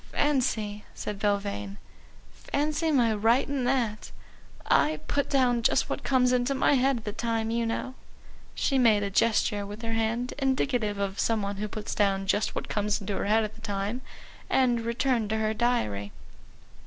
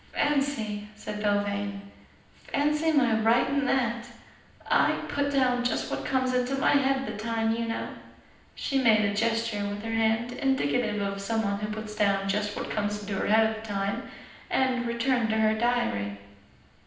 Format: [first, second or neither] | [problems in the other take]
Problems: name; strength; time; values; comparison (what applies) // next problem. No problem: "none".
first | room echo; dies away in 0.9 s